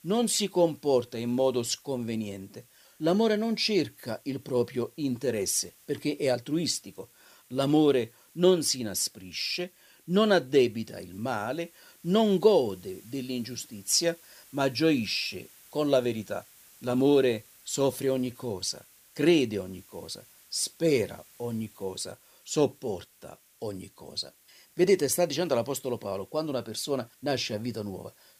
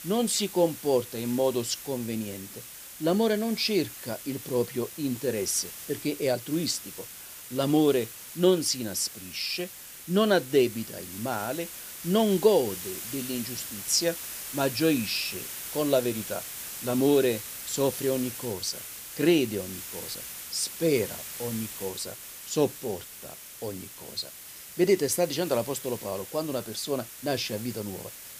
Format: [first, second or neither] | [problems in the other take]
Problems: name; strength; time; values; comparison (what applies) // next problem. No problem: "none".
first | hiss; loud; throughout; 10 dB below the speech; faint in the first